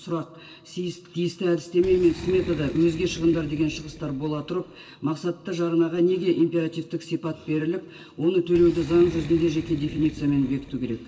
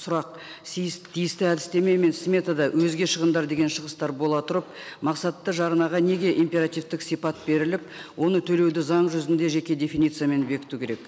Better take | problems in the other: second | background sound (Boom); 17 dB below the speech // room echo; dies away in 0.2 s

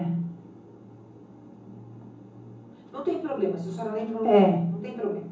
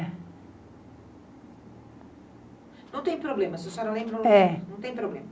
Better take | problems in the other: second | room echo; dies away in 0.8 s

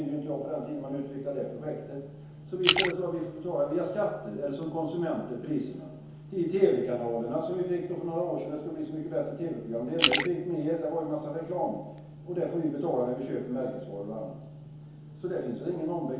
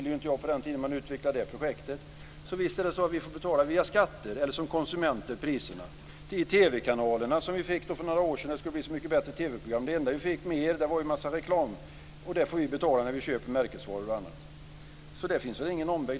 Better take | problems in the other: second | background sound (Splash, splatter); 2 dB below the speech // room echo; dies away in 1 s

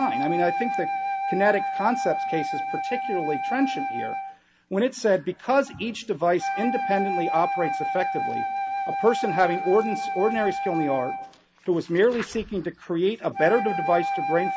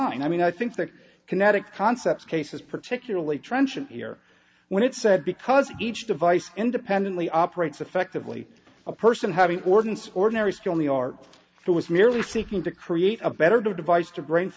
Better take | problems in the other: second | background sound (Wind instrument, woodwind instrument); 3 dB below the speech

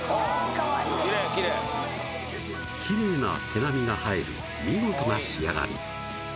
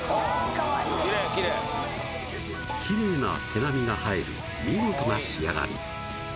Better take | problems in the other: first | background sound (Wind + Bowed string instrument); 13 dB below the speech

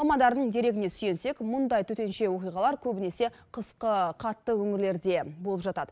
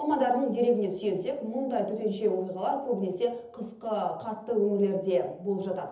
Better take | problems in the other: first | room echo; dies away in 0.7 s

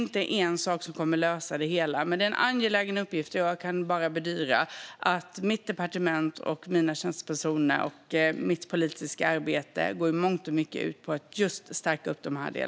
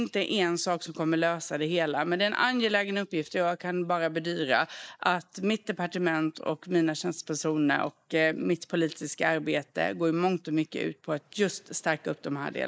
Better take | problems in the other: first | noise reduction (neural mask model Resemble Enhance denoiser)

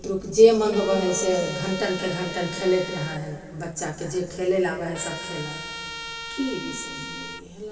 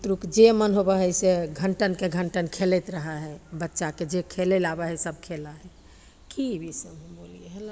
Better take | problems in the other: second | background sound (Trumpet); 11 dB below the speech // room echo; dies away in 2.5 s

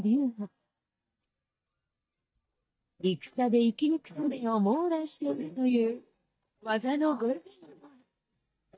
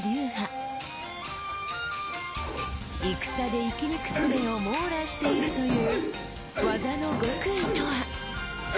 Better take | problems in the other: second | noise reduction (neural mask model DeepFilterNet 3)

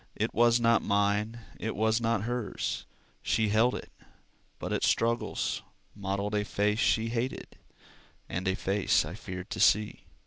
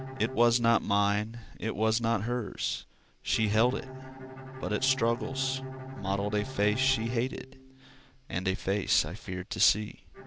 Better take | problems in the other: first | background sound (Bowed string instrument); 13 dB below the speech

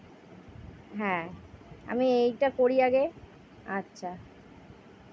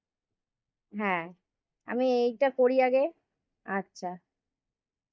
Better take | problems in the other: first | noise reduction (neural mask model DeepFilterNet 3)

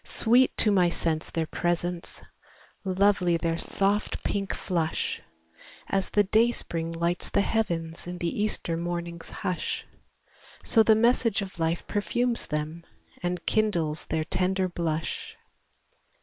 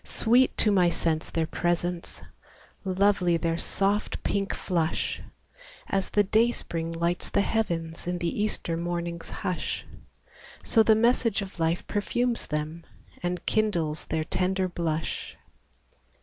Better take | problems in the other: second | noise reduction (neural separator model SepFormer WHAM!)

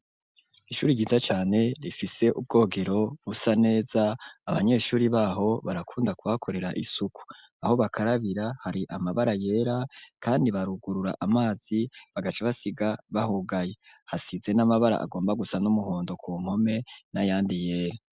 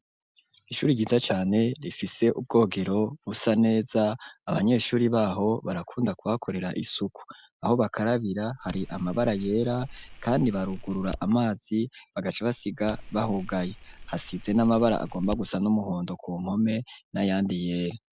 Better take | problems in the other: first | background sound (Fire); 14 dB below the speech

